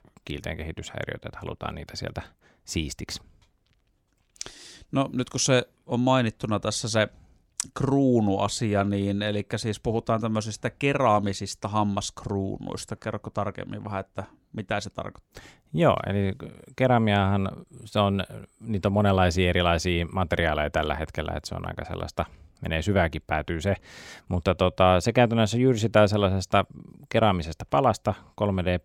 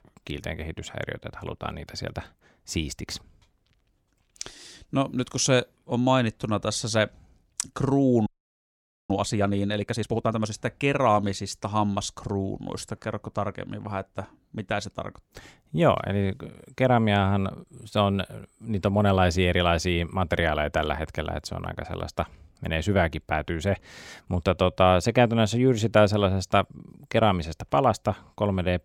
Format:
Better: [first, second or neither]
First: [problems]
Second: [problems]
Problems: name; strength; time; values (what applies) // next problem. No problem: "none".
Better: first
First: none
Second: audio freezing; at 8.5 s for 1 s